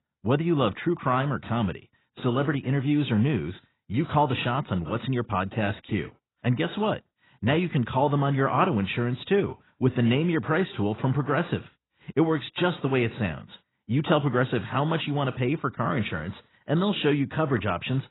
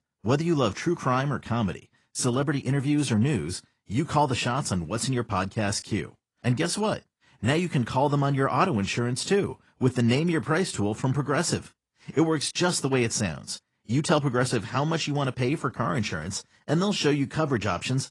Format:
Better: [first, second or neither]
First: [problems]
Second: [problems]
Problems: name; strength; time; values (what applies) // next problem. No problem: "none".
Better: second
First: garbled, watery; badly; nothing above 4 kHz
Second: garbled, watery; slightly; nothing above 10 kHz